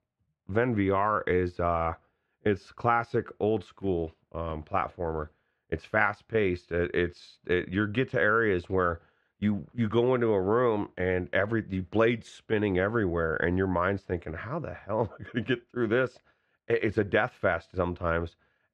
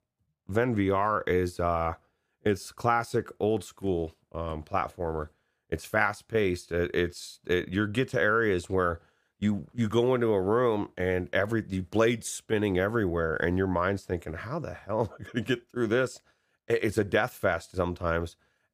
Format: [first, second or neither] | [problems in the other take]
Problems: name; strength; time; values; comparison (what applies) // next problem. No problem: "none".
second | muffled; slightly; fading above 2.5 kHz